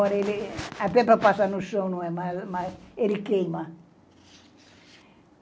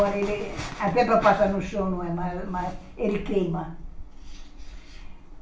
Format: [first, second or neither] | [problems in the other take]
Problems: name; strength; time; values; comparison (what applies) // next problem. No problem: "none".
first | background sound (Mechanical fan); 11 dB below the speech // room echo; dies away in 0.4 s